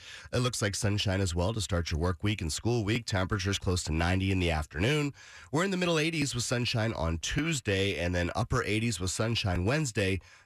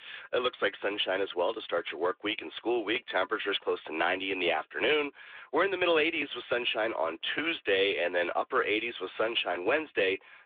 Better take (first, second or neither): first